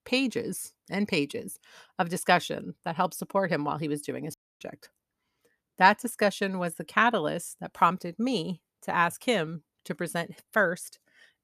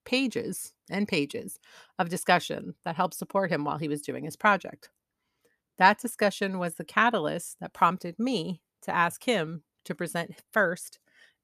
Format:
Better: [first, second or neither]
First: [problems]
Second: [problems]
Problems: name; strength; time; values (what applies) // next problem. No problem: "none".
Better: second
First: audio cutting out; at 4.5 s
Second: none